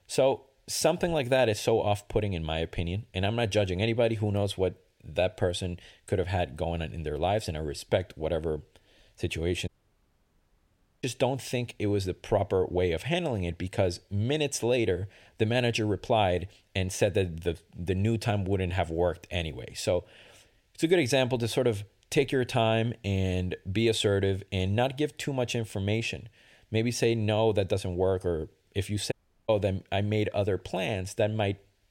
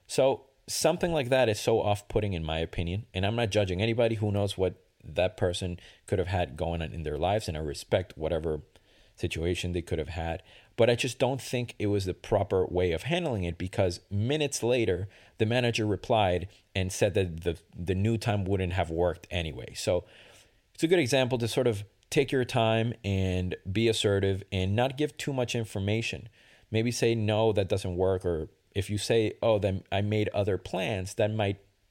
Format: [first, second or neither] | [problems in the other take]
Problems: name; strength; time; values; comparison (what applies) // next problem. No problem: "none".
second | audio cutting out; at 9.5 s for 1.5 s and at 29 s